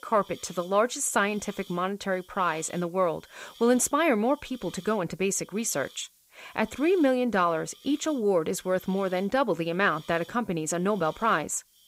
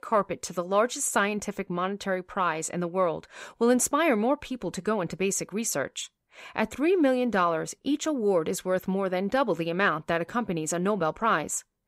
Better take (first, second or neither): second